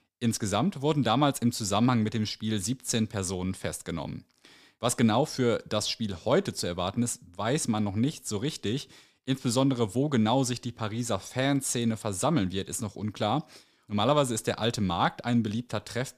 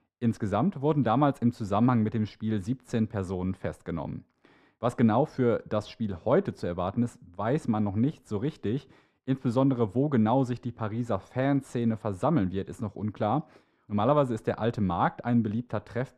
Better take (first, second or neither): first